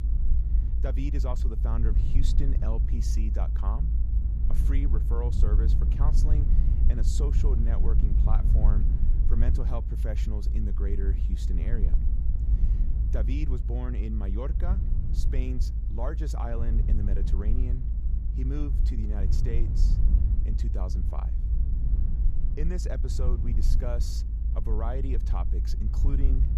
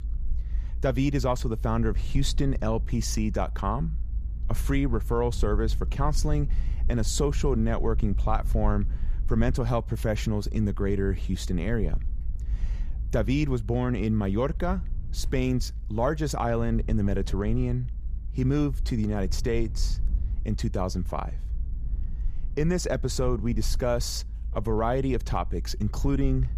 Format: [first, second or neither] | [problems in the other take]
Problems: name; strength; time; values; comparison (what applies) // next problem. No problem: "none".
second | low rumble; loud; throughout; 5 dB below the speech; faint in the second